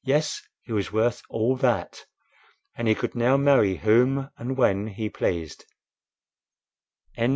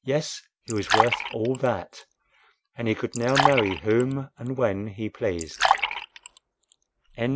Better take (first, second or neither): first